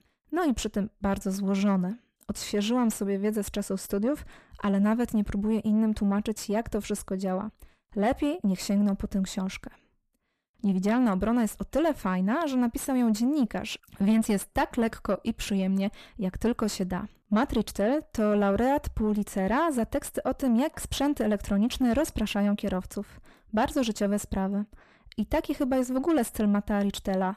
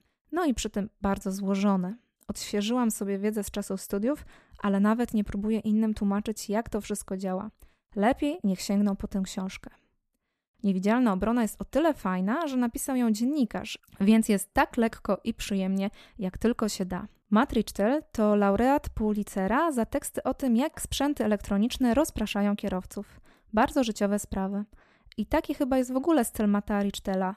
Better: second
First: distortion; slight; 10 dB below the speech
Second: none

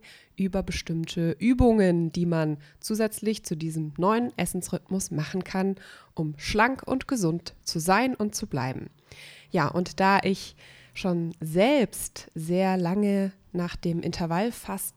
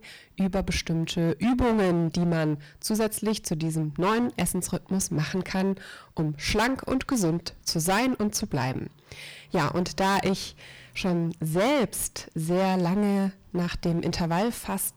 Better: first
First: none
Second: distortion; heavy; 14% of the sound clipped

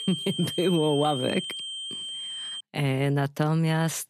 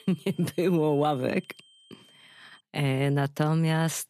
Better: second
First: high-pitched whine; loud; until 2.5 s; 3 kHz, 6 dB below the speech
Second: high-pitched whine; faint; until 2.5 s; 3 kHz, 30 dB below the speech

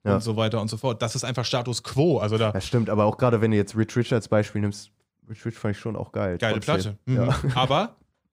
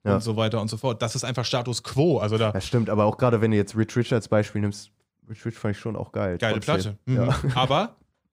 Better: neither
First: none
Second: none

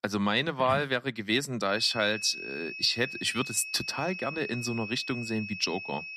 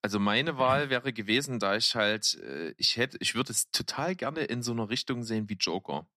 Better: second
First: high-pitched whine; loud; from 1.5 s on; 2.5 kHz, 9 dB below the speech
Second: none

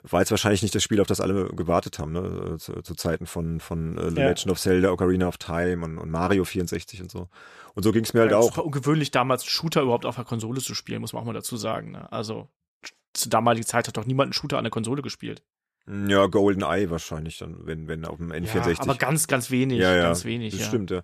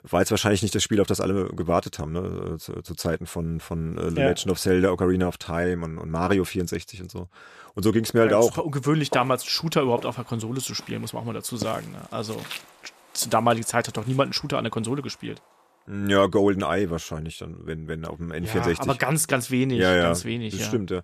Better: first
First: none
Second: footsteps; noticeable; from 9 to 14 s; peak 9 dB below the speech

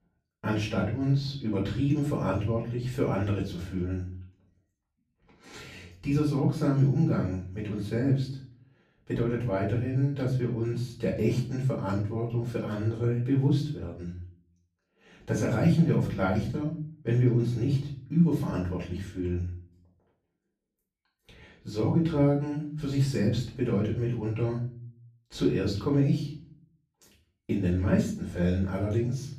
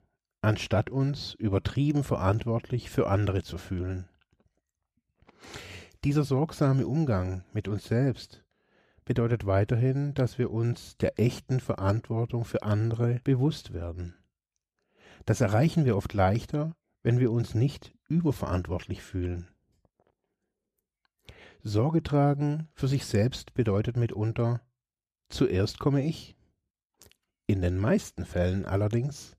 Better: second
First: room echo; slight; dies away in 0.4 s // off-mic speech; far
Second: none

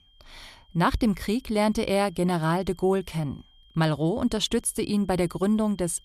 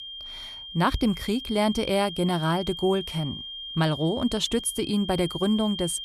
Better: first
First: high-pitched whine; faint; throughout; 3 kHz, 35 dB below the speech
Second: high-pitched whine; loud; throughout; 3 kHz, 9 dB below the speech

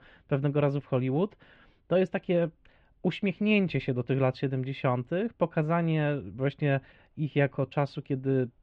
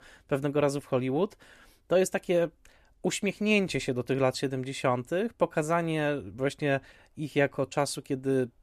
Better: second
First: muffled; slightly; fading above 3 kHz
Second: none

